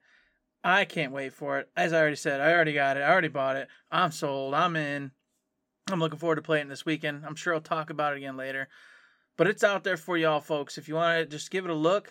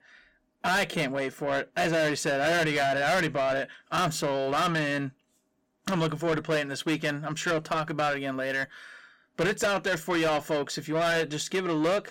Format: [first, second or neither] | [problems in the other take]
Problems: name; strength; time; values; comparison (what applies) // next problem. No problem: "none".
first | distortion; heavy; 6 dB below the speech